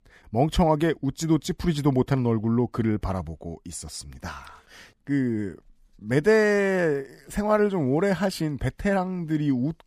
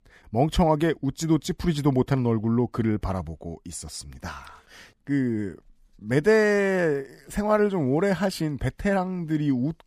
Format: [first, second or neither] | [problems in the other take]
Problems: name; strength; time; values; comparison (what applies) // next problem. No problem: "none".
neither | none